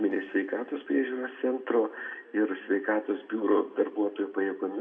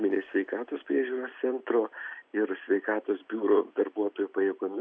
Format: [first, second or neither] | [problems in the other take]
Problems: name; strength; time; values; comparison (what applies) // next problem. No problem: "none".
second | room echo; dies away in 1 s